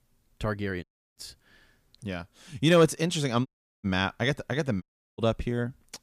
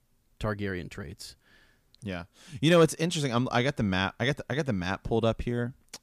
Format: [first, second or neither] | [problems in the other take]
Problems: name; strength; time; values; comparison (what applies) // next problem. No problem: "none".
second | audio cutting out; at 1 s, at 3.5 s and at 5 s